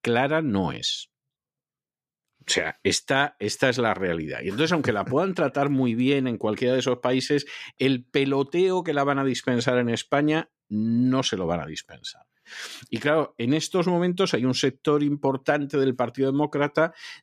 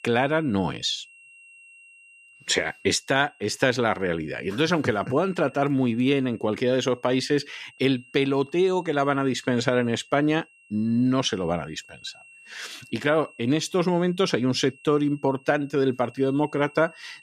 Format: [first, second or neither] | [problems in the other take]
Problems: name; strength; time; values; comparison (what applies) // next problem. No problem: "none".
first | high-pitched whine; faint; throughout; 2.5 kHz, 25 dB below the speech